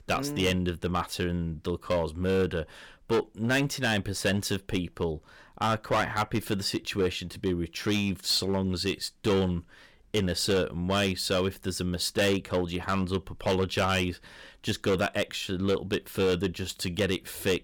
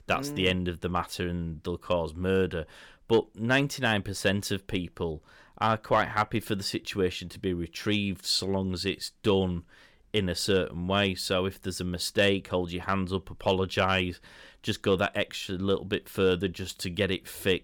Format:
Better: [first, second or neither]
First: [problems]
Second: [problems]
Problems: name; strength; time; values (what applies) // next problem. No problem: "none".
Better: second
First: distortion; slight; 7% of the sound clipped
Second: none